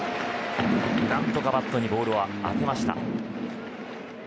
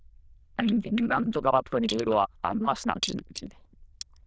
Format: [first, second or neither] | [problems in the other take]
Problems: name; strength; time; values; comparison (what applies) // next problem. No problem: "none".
first | noise reduction (neural diffusion model UNIVERSE++)